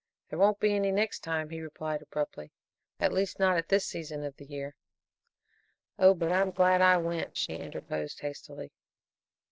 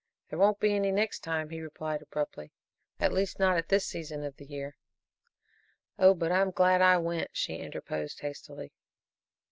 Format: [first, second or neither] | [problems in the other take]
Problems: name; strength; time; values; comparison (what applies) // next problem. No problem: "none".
second | noise reduction (neural separator model SepFormer DNS4)